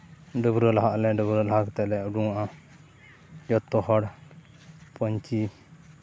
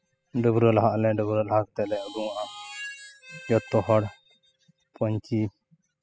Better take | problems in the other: first | noise reduction (classical method spectral subtraction)

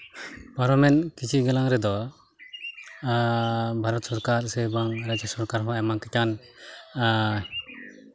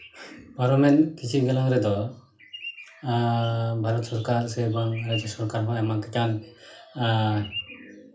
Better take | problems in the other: first | room echo; dies away in 0.3 s

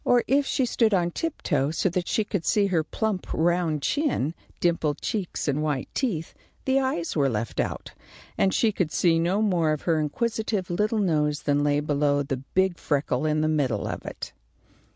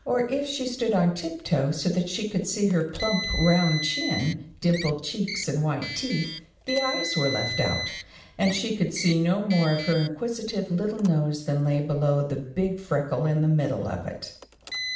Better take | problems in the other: first | background sound (Car); 11 dB below the speech // room echo; dies away in 0.6 s

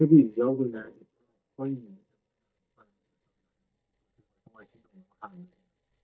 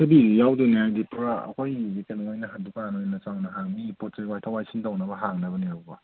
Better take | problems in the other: second | noise reduction (neural mask model DeepFilterNet 3)

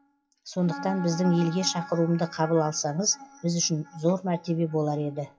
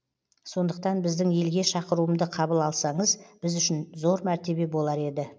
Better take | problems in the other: second | noise reduction (classical method WPE with log-MMSE)

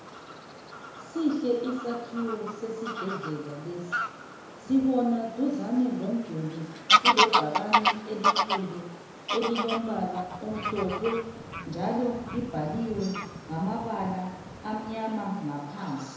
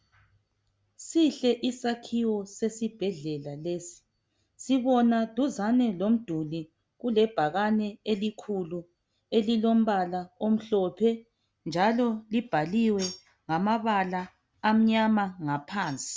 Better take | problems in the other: second | background sound (Bird vocalization, bird call, bird song / Fowl); as loud as the speech // room echo; dies away in 1 s

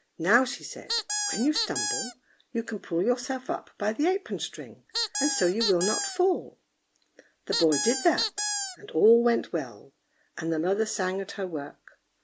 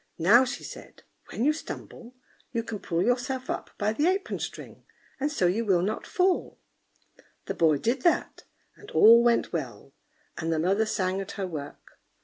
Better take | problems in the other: second | background sound (Squeak); 3 dB below the speech

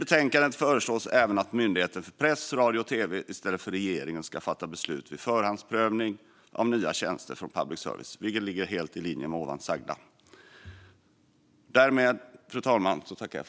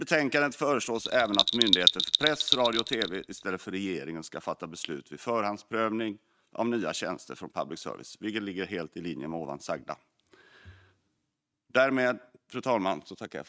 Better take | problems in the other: first | noise reduction (neural mask model RNNoise)

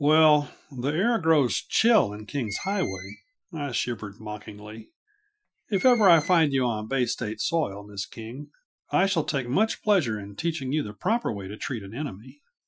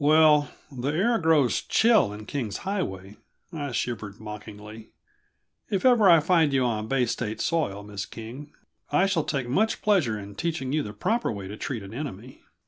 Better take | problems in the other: second | noise reduction (classical method Wiener filter)

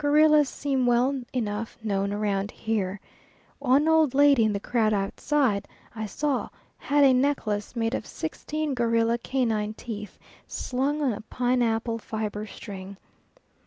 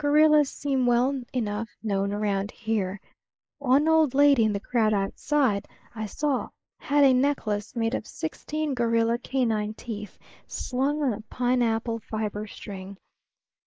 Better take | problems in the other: first | noise reduction (neural mask model Resemble Enhance denoiser)

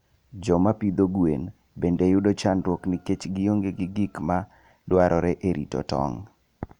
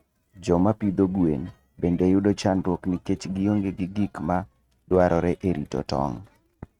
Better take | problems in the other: first | noise reduction (neural mask model RNNoise)

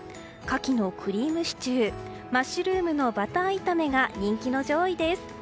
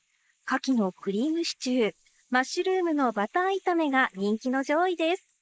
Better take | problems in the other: first | noise reduction (neural mask model Resemble Enhance denoiser)

